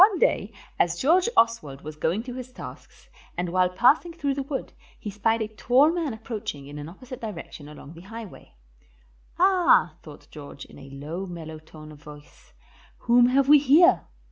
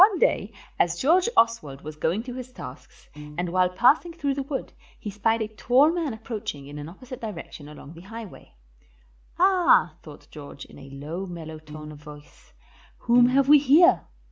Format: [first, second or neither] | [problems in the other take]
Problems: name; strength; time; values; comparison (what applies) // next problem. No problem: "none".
first | background sound (Piano); 16 dB below the speech